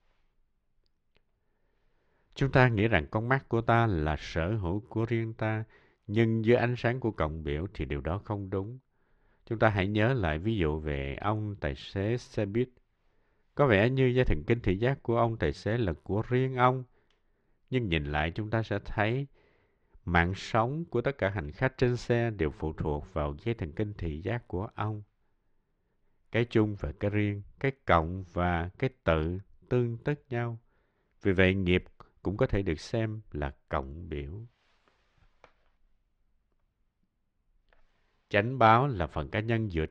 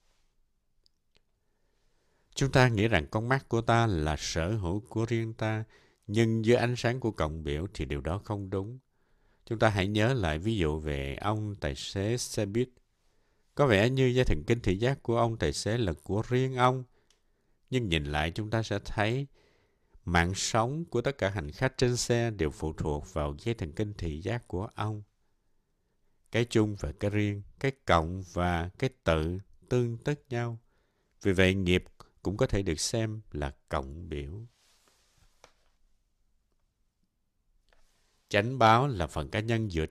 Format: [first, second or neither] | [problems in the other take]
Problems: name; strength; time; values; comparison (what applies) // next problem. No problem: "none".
second | muffled; slightly; fading above 2.5 kHz